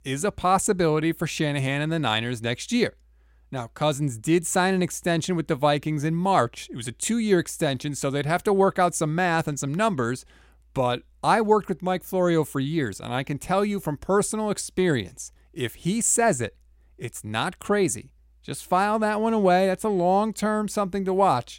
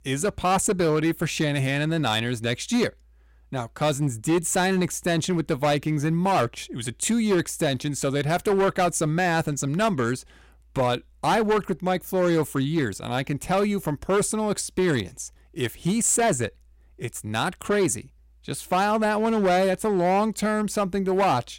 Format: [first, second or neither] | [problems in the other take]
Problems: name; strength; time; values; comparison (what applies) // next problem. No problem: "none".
first | distortion; slight; 8% of the sound clipped